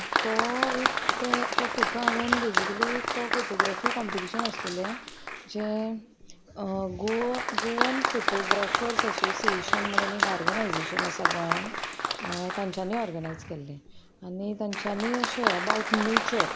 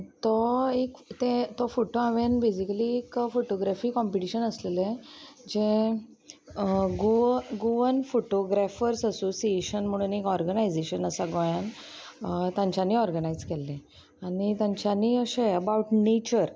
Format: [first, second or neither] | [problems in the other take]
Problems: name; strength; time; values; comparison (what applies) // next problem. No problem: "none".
second | background sound (Applause); 2 dB above the speech